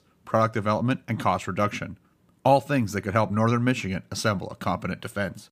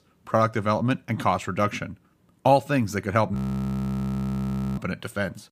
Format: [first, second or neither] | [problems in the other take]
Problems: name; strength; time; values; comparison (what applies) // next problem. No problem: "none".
first | audio freezing; at 3.5 s for 1.5 s